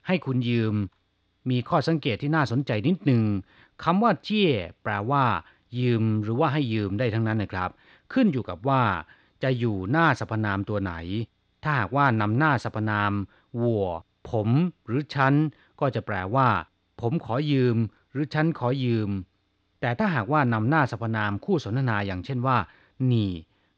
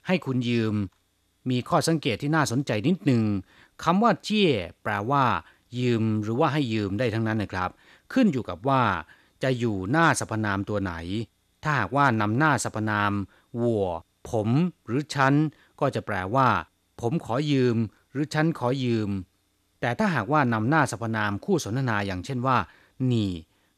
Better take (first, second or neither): second